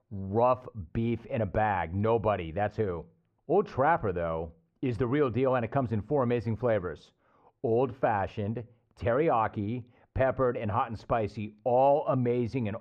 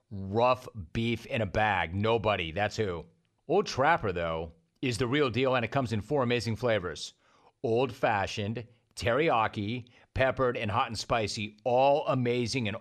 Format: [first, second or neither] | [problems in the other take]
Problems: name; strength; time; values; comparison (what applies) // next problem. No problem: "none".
second | muffled; very; fading above 2.5 kHz